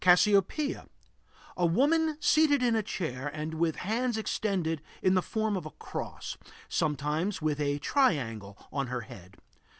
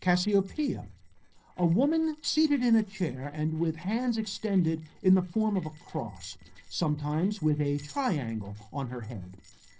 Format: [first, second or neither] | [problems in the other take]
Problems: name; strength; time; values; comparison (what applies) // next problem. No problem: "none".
first | noise reduction (neural separator model SepFormer DNS4)